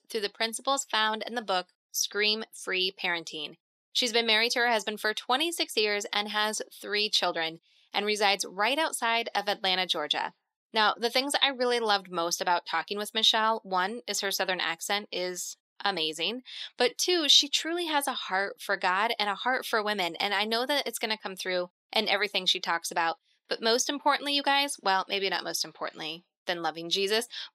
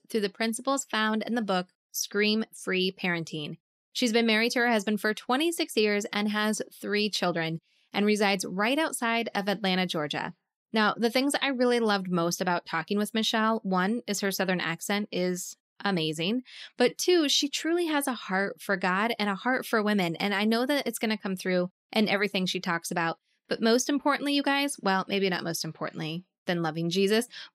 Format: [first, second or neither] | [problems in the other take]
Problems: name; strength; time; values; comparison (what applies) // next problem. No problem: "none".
second | thin; somewhat; fading below 400 Hz